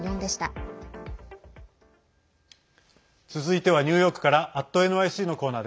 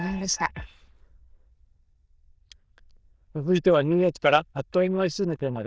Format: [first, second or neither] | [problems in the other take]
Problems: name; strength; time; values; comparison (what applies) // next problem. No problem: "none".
first | noise reduction (neural diffusion model UNIVERSE++)